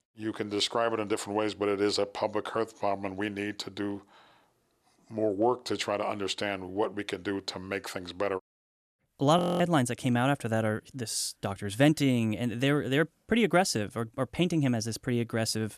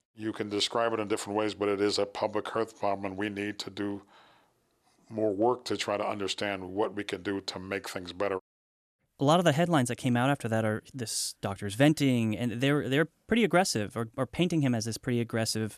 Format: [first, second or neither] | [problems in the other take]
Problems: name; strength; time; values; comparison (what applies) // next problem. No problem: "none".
second | audio freezing; at 9.5 s